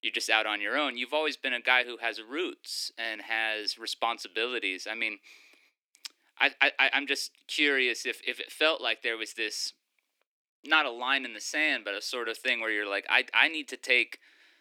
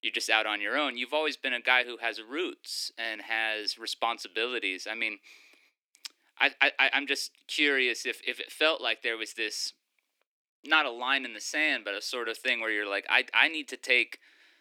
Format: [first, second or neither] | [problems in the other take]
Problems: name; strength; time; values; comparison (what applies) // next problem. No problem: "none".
neither | thin; somewhat; fading below 300 Hz; the same in both